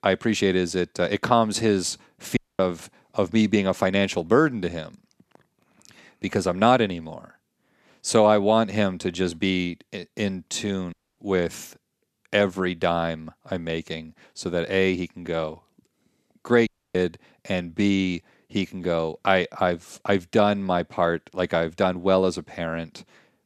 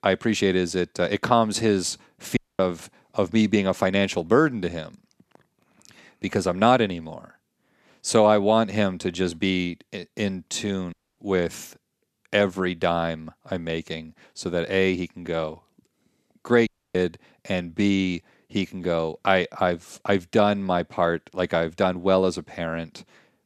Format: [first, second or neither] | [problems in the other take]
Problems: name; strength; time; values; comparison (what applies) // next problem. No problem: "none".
neither | audio cutting out; at 2.5 s, at 11 s and at 17 s; the same in both